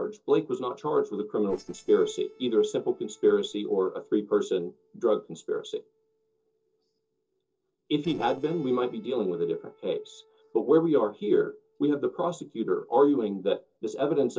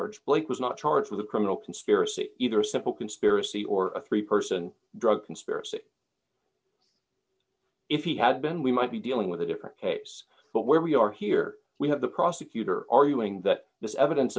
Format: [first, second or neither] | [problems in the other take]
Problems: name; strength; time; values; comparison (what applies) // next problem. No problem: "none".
second | noise reduction (neural separator model SepFormer DNS4)